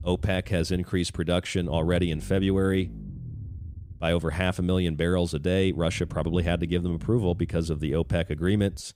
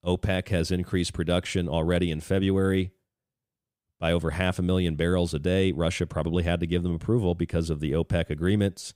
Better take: second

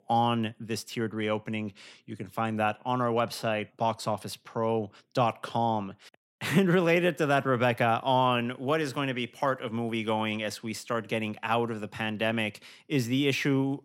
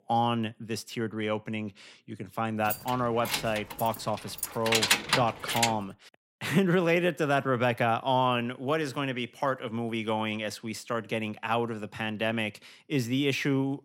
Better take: first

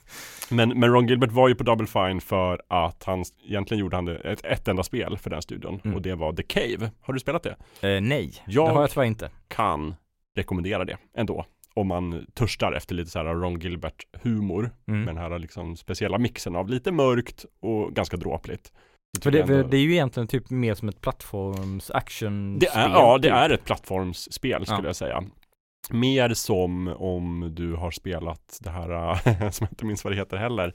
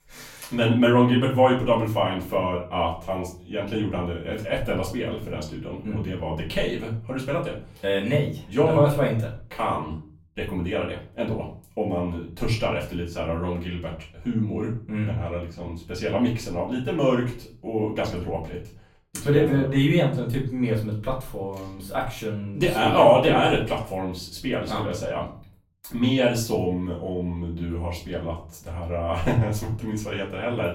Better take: first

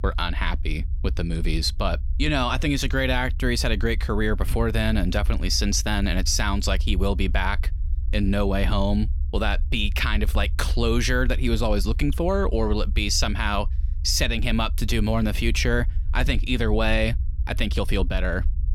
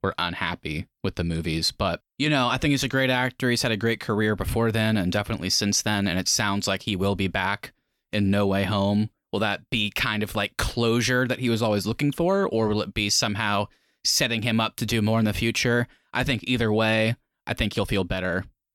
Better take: second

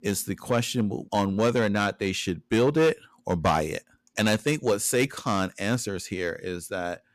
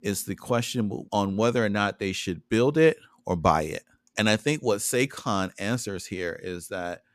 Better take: second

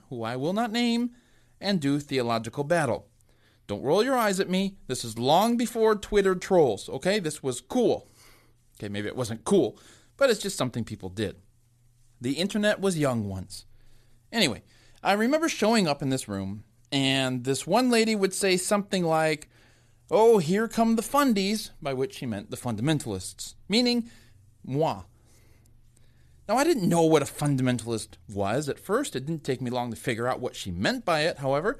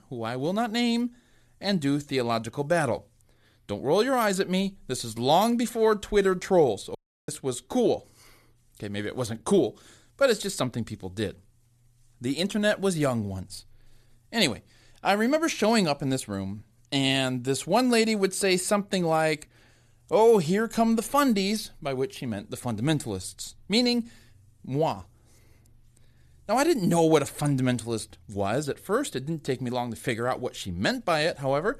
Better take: first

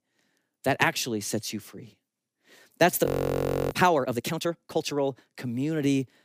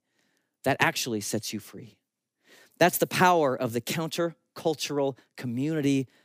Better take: second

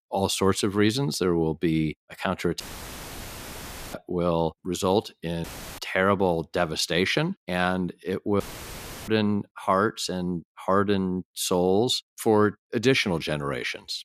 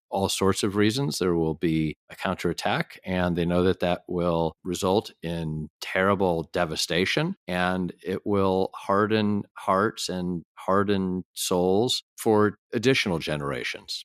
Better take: second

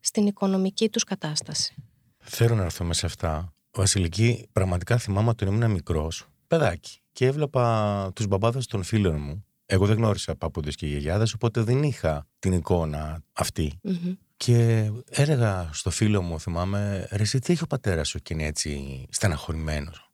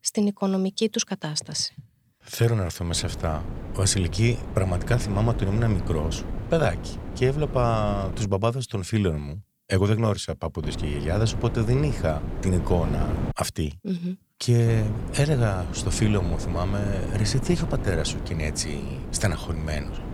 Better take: first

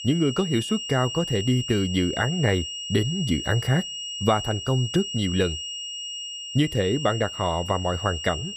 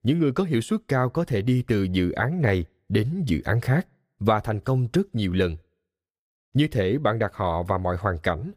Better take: second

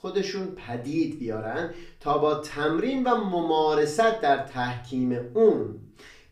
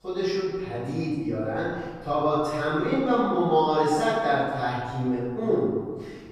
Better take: first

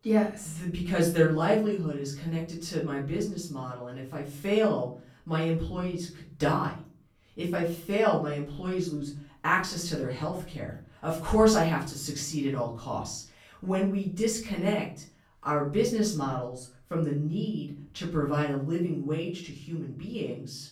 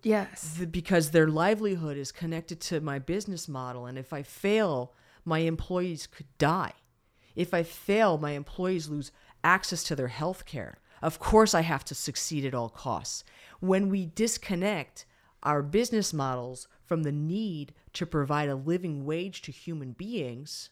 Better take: second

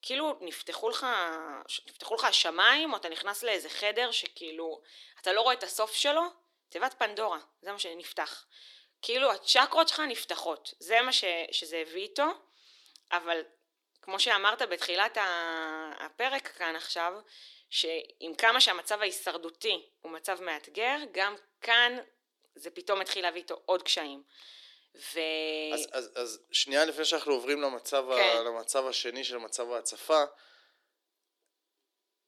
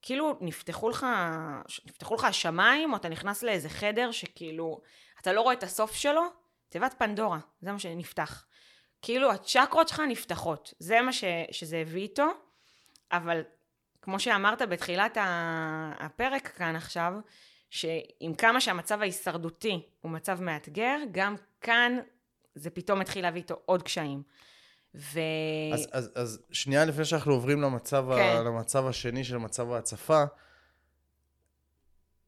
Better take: second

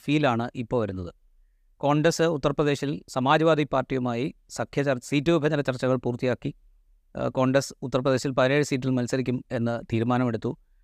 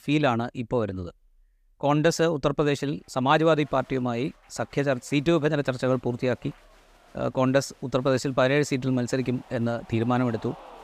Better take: first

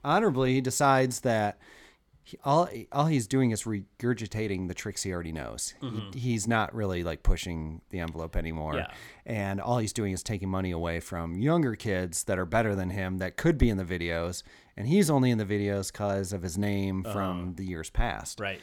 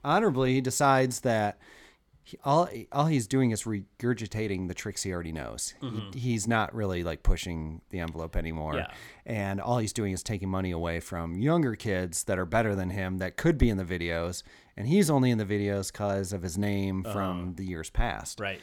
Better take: neither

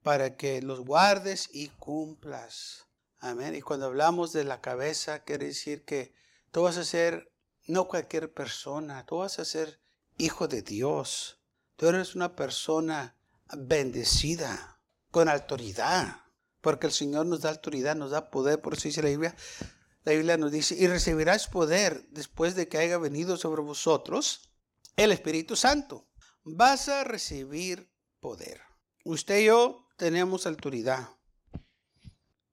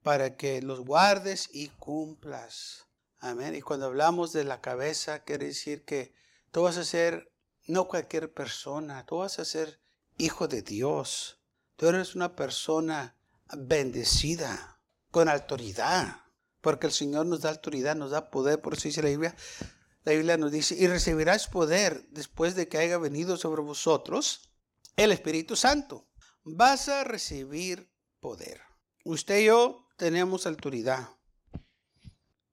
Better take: neither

